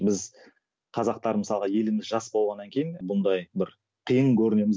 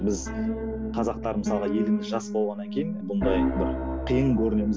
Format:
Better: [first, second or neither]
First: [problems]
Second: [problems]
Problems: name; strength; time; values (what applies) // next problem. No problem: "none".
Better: first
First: none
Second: background sound (Piano); 1 dB below the speech